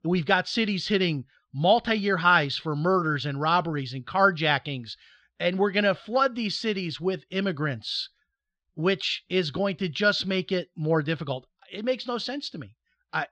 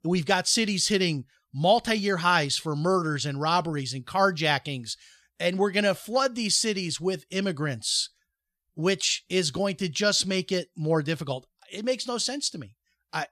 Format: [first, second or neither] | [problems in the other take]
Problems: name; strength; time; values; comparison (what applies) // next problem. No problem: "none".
second | muffled; slightly; fading above 4 kHz